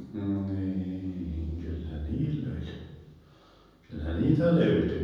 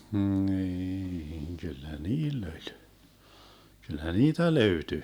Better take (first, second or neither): second